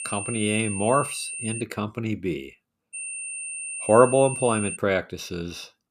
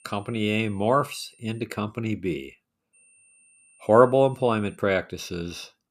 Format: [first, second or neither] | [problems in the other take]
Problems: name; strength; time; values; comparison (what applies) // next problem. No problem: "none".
second | high-pitched whine; loud; until 1.5 s and from 3 to 5 s; 9 kHz, 7 dB below the speech; faint in the second